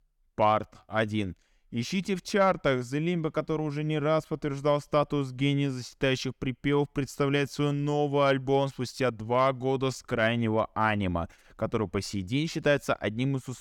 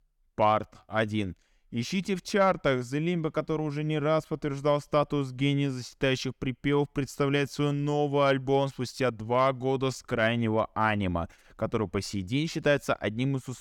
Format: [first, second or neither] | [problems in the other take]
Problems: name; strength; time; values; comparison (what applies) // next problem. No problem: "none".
neither | none